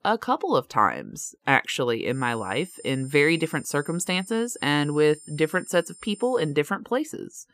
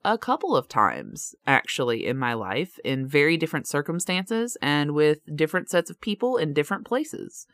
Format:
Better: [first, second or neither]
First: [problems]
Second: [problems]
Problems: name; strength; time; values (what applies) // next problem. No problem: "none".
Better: second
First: high-pitched whine; noticeable; from 2 to 6.5 s; 9 kHz, 20 dB below the speech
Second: none